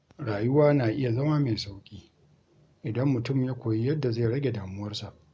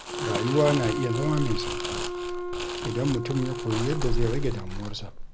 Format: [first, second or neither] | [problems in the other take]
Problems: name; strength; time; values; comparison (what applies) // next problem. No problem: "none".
first | background sound (Crumpling, crinkling + Wind instrument, woodwind instrument); 1 dB below the speech